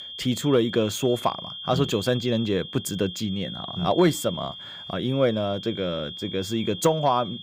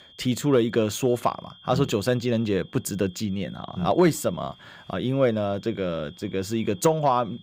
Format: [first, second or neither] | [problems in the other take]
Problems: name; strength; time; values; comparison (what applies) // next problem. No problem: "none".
second | high-pitched whine; loud; throughout; 3 kHz, 10 dB below the speech; faint in the second